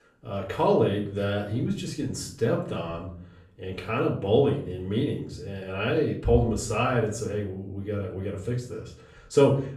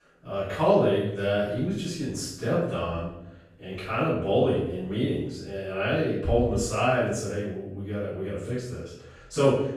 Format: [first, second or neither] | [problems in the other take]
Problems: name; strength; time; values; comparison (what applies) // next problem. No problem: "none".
first | room echo; strong; dies away in 0.7 s; slight in the first // off-mic speech; far; far in the first